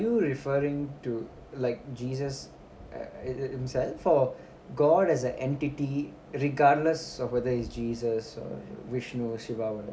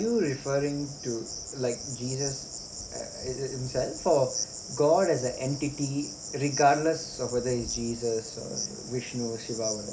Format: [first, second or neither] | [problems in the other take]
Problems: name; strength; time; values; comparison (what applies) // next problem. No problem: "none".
first | background sound (Cricket); 10 dB below the speech